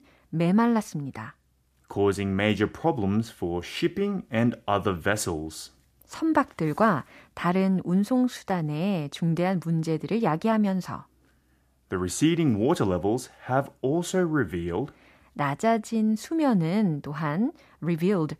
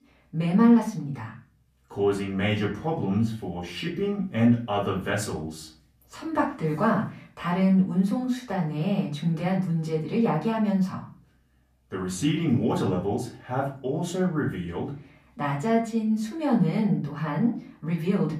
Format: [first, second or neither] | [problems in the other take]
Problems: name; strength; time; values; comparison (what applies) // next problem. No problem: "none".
first | off-mic speech; far // room echo; slight; dies away in 0.4 s